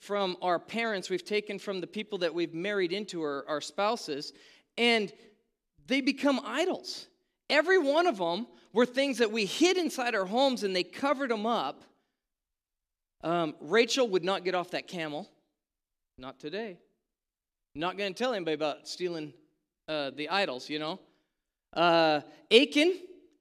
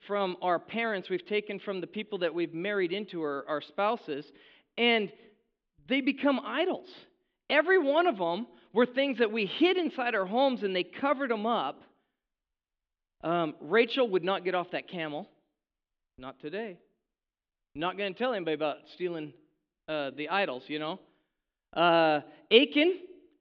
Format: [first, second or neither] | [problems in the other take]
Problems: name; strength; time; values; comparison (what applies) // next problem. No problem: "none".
first | muffled; very; fading above 3.5 kHz